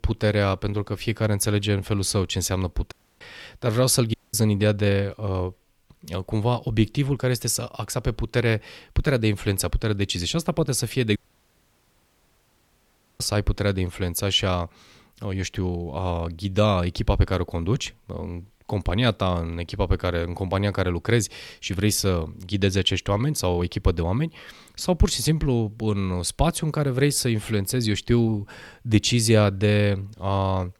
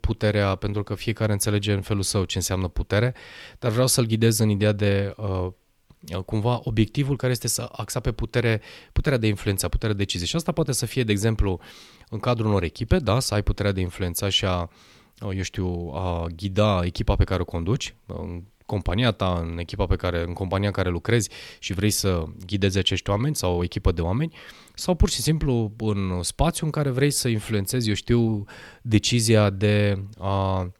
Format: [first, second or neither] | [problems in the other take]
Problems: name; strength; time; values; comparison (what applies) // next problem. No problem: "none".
second | audio cutting out; at 3 s, at 4 s and at 11 s for 2 s